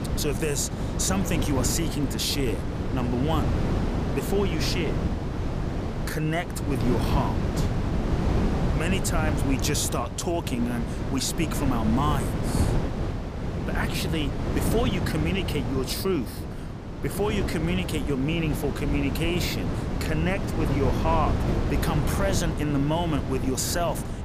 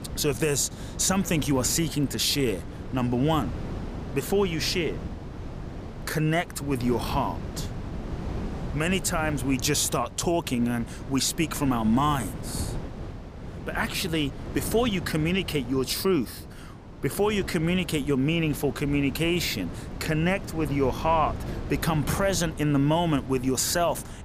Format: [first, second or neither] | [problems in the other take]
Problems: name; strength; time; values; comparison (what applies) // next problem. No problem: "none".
second | wind noise on the microphone; heavy; 4 dB below the speech; occasional gusts in the second